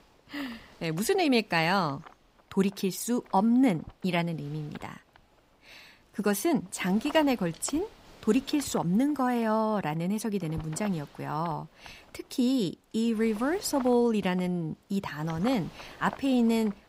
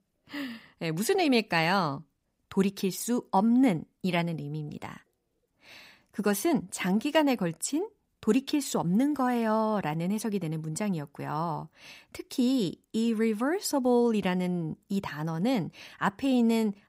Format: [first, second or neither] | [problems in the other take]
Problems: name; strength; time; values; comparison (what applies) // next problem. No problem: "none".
second | wind noise on the microphone; occasional gusts; 20 dB below the speech